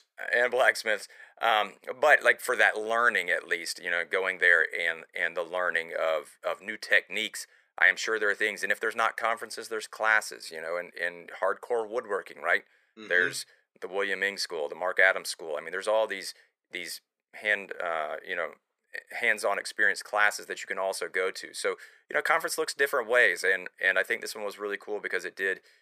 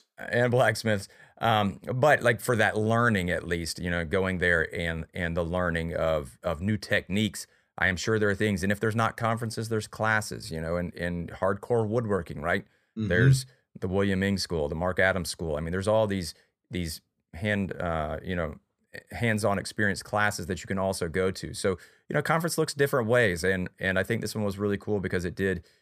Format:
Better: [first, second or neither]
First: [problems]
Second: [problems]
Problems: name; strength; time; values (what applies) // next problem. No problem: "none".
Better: second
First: thin; very; fading below 450 Hz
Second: none